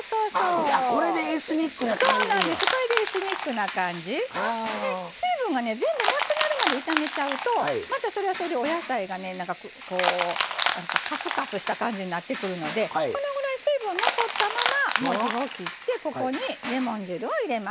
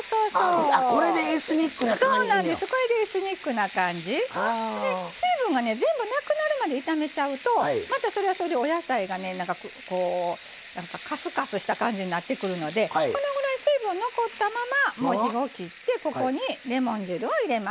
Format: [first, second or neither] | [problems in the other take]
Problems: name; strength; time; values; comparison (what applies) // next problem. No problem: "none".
second | background sound (Crushing); 5 dB below the speech